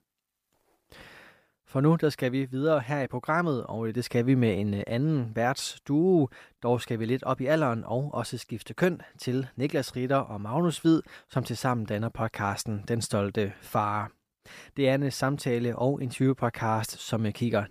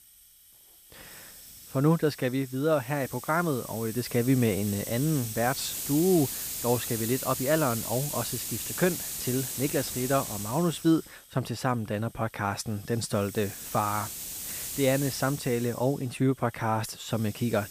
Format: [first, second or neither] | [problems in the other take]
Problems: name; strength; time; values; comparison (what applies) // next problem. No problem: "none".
first | hiss; loud; throughout; 6 dB below the speech